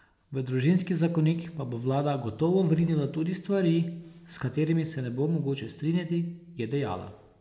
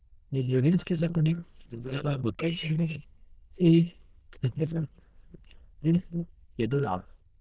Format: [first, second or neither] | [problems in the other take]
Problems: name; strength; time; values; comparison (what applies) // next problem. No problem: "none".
first | noise reduction (neural diffusion model UNIVERSE++)